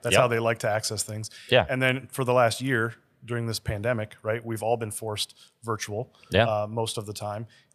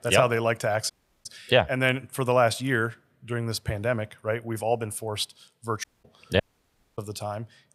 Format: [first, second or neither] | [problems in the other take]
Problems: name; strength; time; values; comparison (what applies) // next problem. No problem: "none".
first | audio cutting out; at 1 s, at 6 s and at 6.5 s for 0.5 s